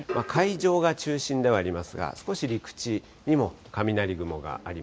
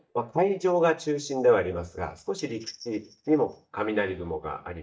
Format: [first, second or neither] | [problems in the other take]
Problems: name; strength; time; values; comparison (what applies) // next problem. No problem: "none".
first | noise reduction (neural mask model DeepFilterNet 3)